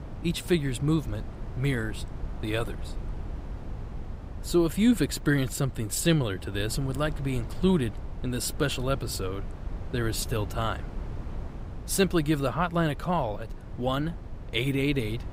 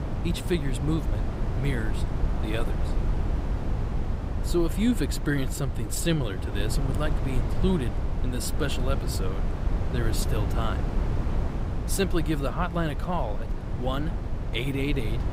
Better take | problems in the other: first | wind noise on the microphone; heavy; 6 dB below the speech; occasional gusts in the first

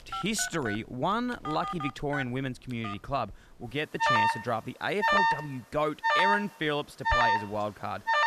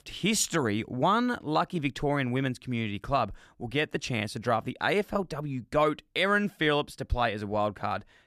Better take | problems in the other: second | alarms or sirens; very loud; throughout; 4 dB above the speech

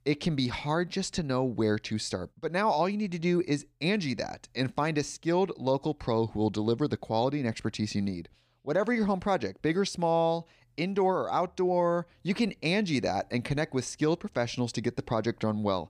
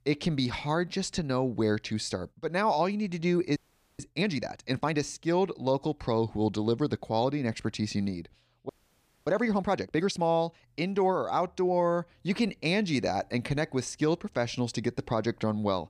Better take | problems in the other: first | audio freezing; at 3.5 s and at 8.5 s for 0.5 s

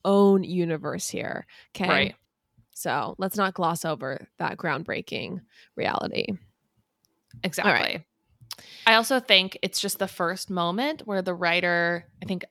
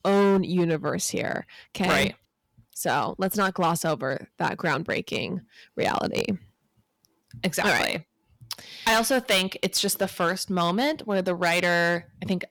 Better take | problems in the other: first | distortion; heavy; 6% of the sound clipped

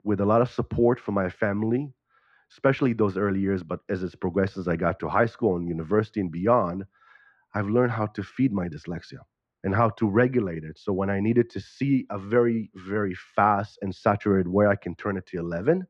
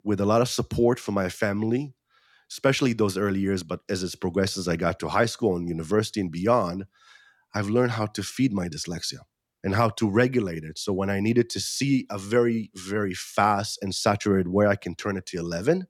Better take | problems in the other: second | muffled; very; fading above 1.5 kHz

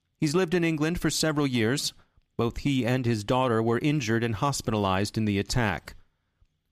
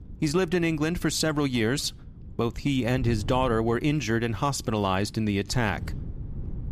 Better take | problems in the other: first | wind noise on the microphone; occasional gusts; 25 dB below the speech

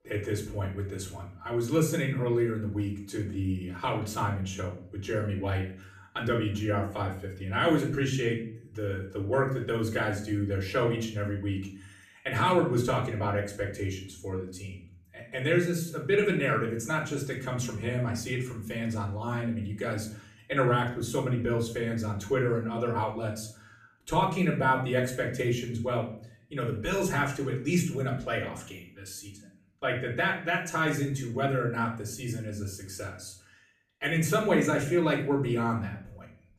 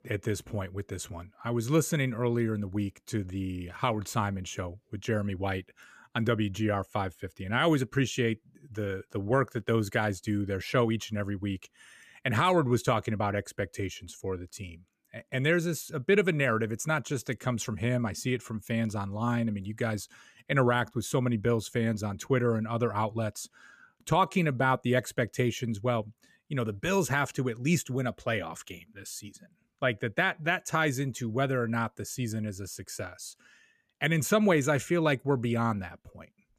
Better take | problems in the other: second | off-mic speech; far // room echo; slight; dies away in 0.5 s

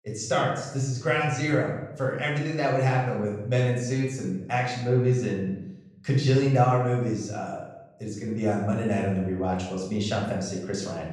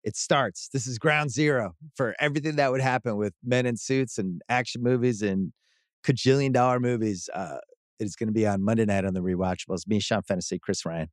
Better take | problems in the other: second | off-mic speech; far // room echo; noticeable; dies away in 0.8 s

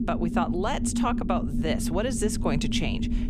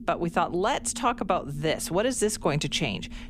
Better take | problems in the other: second | low rumble; loud; throughout; 6 dB below the speech; faint in the second

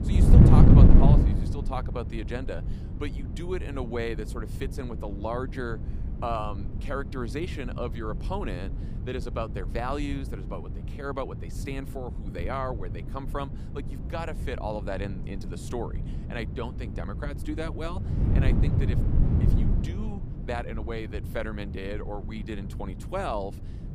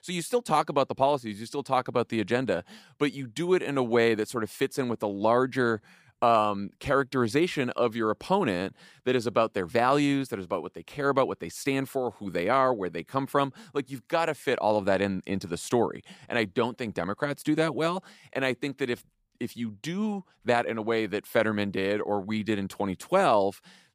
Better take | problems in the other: second | wind noise on the microphone; heavy; 2 dB below the speech

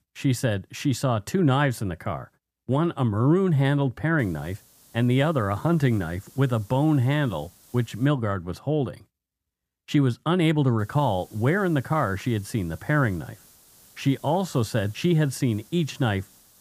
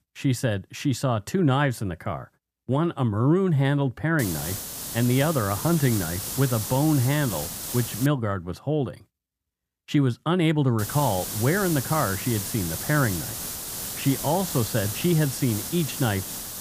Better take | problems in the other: first | hiss; loud; from 4 to 8 s and from 11 s on; 6 dB below the speech; faint in the first

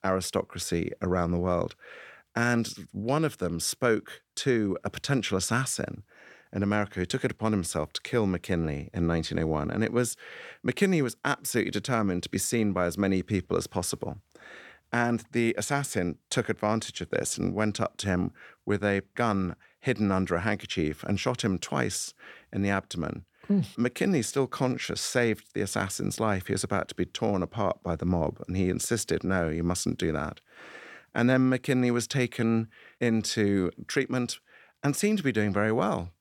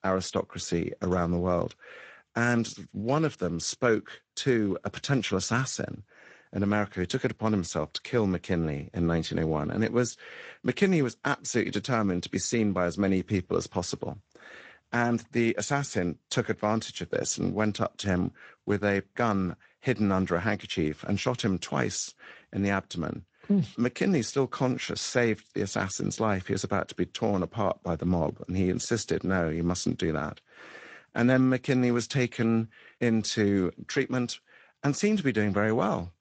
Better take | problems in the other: first | garbled, watery; slightly; nothing above 7.5 kHz

